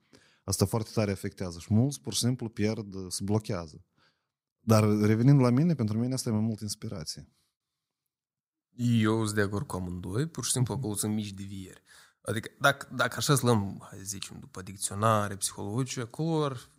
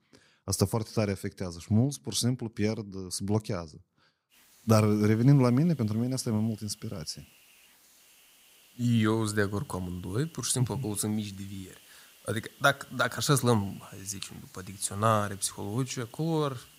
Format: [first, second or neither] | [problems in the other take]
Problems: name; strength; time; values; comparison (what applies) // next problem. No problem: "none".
first | hiss; faint; from 4.5 s on; 25 dB below the speech